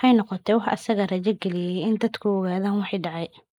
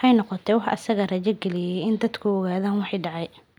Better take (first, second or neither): second